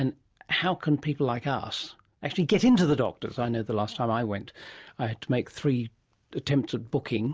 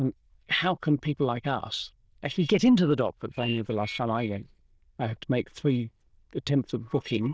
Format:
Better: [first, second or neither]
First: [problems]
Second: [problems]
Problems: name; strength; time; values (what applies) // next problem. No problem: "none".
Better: first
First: none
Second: noise reduction (neural diffusion model UNIVERSE++)